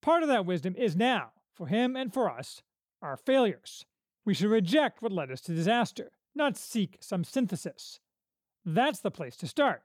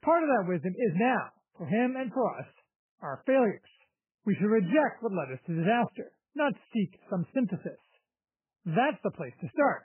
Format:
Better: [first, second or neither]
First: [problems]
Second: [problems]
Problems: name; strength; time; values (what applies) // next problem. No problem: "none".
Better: first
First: none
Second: garbled, watery; badly; nothing above 3 kHz